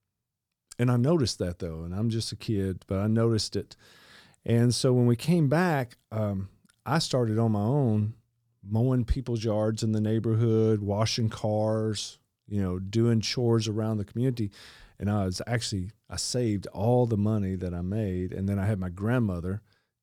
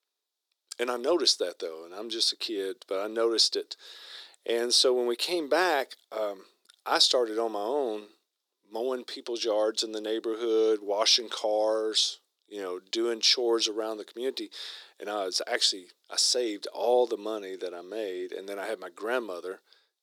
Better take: first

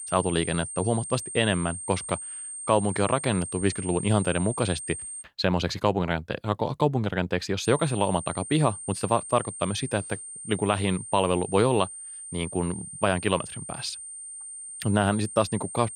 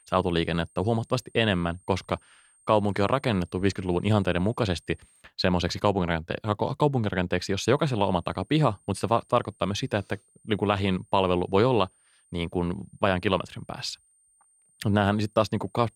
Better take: second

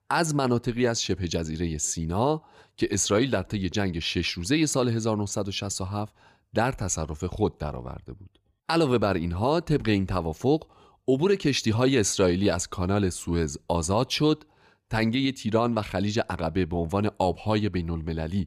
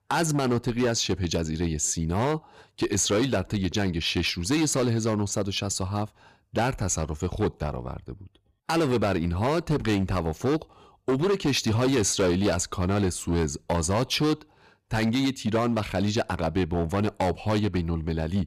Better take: first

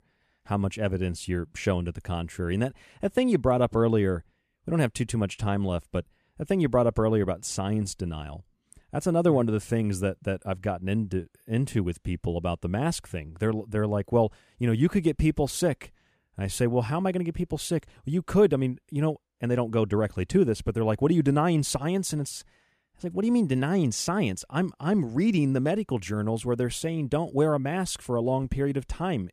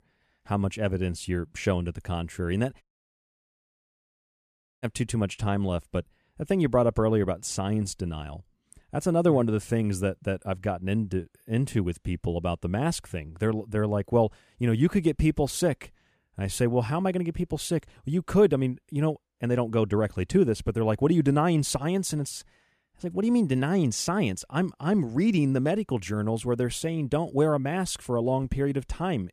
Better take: first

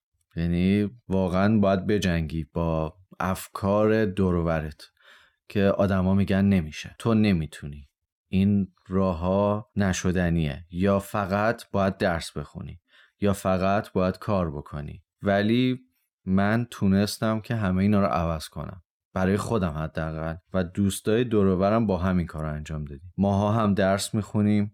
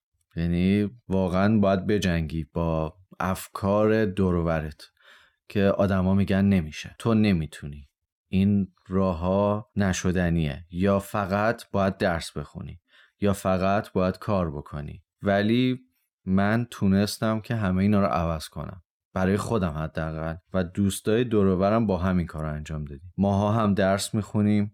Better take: neither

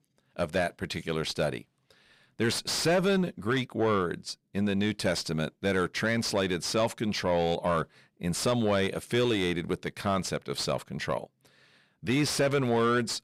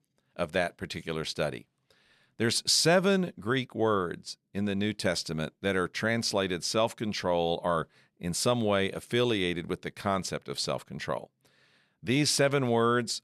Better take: second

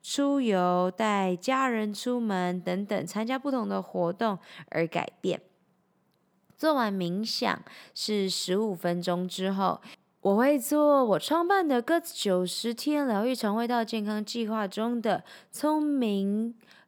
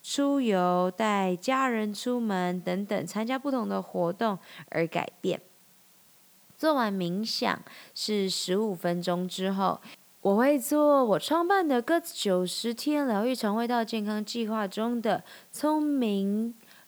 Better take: first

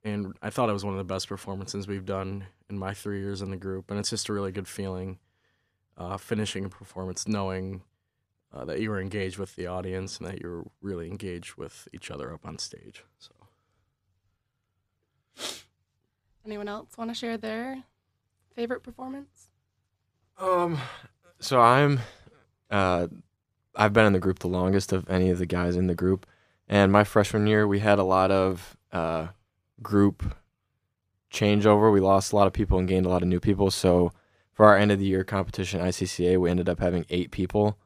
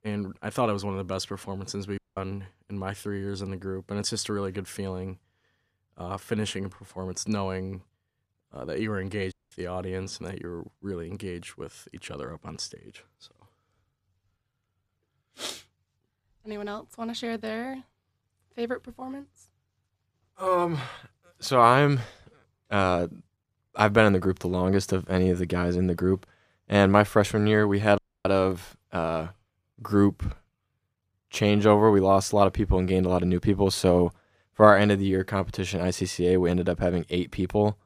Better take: first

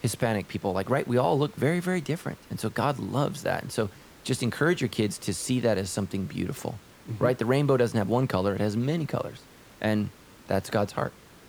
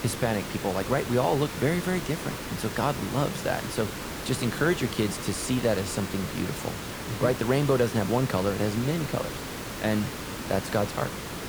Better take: first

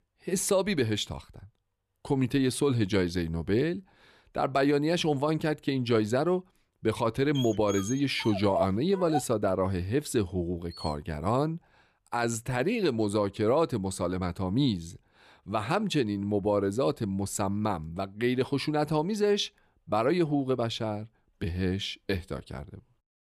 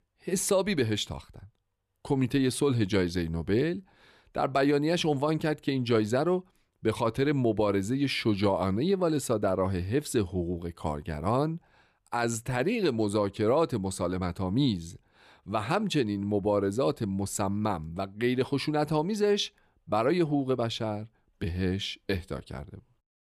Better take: second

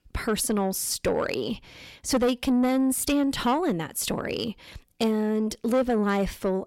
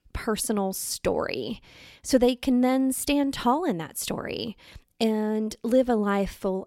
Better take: second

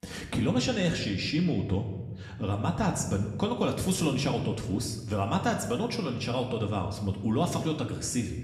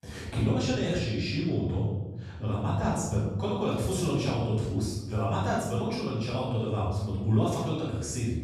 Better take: first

